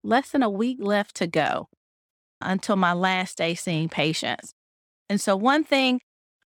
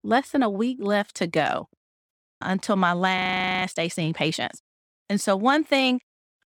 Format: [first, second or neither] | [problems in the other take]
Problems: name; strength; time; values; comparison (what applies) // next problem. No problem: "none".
first | audio freezing; at 3 s